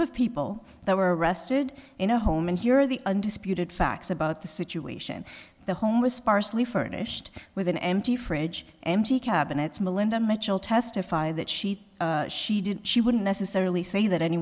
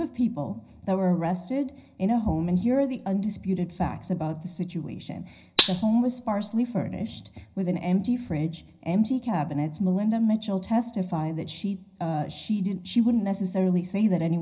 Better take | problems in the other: first | background sound (Gunshot, gunfire); 3 dB below the speech // room echo; dies away in 0.4 s

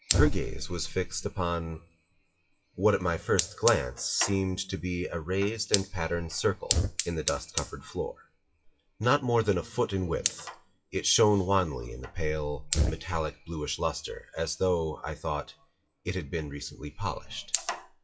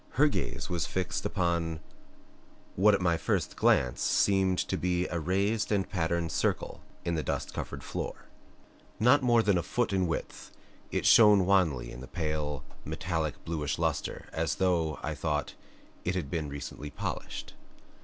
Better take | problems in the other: second | noise reduction (classical method WPE with log-MMSE)

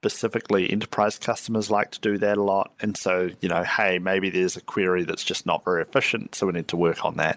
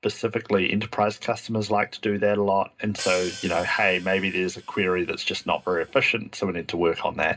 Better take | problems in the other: first | background sound (Hi-hat); 15 dB below the speech // room echo; dies away in 0.2 s

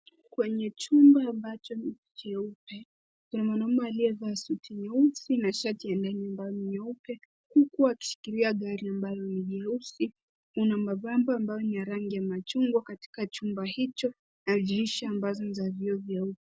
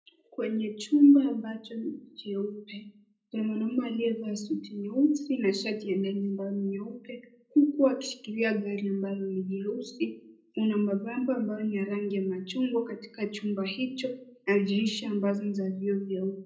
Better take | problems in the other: first | room echo; dies away in 0.4 s

